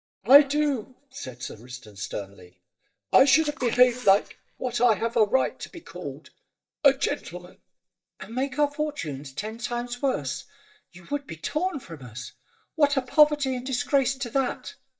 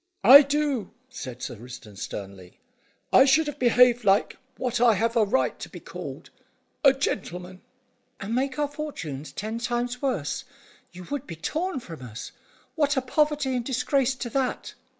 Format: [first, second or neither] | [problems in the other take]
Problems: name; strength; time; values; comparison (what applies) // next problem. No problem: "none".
second | noise reduction (neural mask model DeepFilterNet 3)